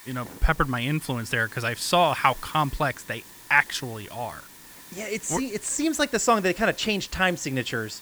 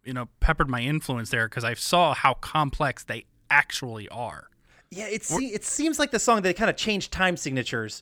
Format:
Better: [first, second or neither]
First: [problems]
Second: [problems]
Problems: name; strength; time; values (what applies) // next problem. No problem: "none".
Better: second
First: hiss; noticeable; throughout; 20 dB below the speech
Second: none